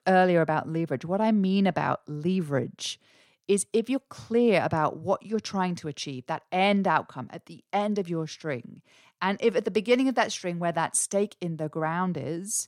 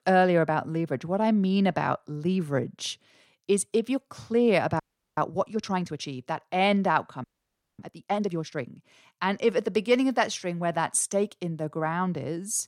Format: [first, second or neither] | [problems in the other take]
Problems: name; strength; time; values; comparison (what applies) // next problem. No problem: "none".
first | audio freezing; at 5 s and at 7 s for 0.5 s